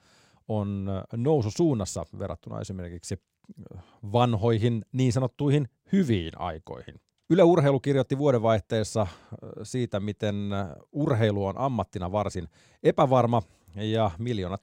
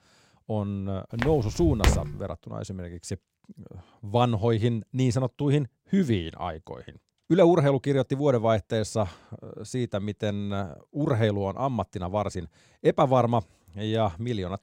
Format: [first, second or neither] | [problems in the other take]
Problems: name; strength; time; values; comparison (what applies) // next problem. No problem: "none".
first | footsteps; loud; at 1 s; peak 2 dB above the speech